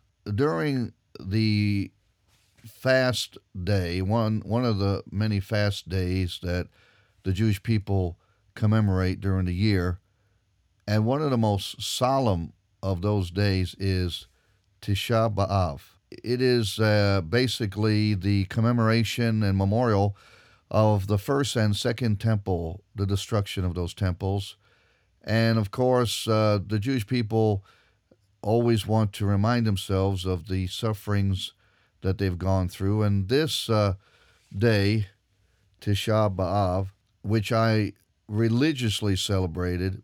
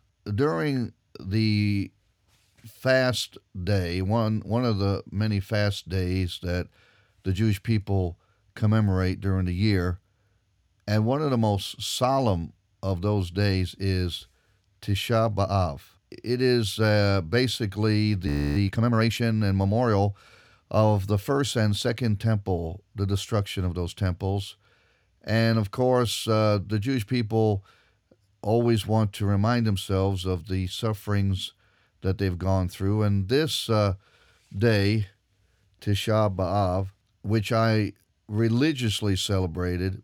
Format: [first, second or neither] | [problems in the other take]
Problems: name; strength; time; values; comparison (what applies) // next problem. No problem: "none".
first | audio freezing; at 18 s